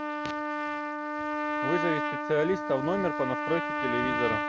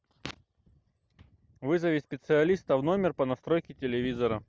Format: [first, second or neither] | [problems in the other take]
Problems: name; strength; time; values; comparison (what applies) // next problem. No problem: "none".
second | background sound (Trumpet); 1 dB above the speech